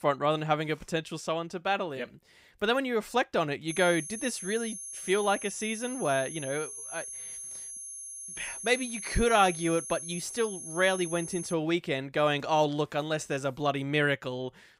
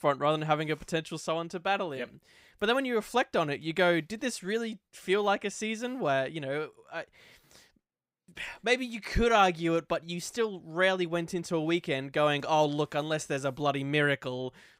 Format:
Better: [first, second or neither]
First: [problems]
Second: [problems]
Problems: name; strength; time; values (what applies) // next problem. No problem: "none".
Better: second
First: high-pitched whine; loud; from 3.5 to 12 s; 10.5 kHz, 9 dB below the speech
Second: none